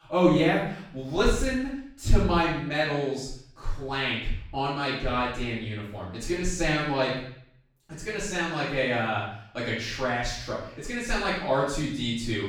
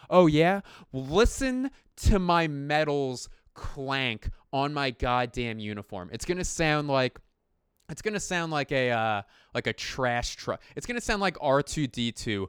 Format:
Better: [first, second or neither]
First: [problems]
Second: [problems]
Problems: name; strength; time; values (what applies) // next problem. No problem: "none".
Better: second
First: room echo; noticeable; dies away in 0.6 s // off-mic speech; far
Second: none